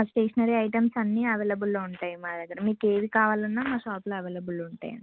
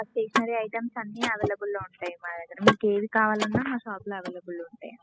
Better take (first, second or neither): first